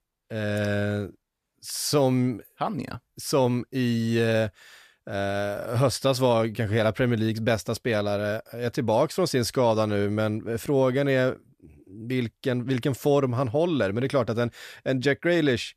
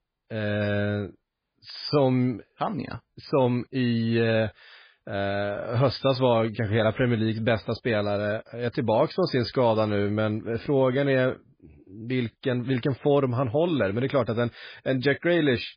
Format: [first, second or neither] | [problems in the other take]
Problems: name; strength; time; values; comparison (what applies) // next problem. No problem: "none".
first | garbled, watery; badly